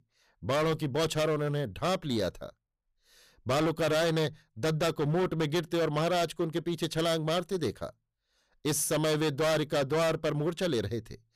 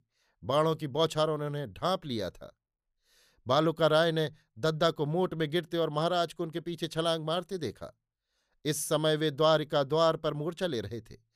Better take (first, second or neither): second